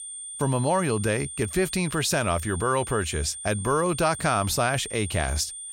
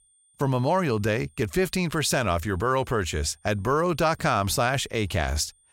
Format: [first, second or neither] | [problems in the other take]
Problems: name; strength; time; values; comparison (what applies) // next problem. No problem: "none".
second | high-pitched whine; loud; throughout; 9 kHz, 9 dB below the speech; faint in the second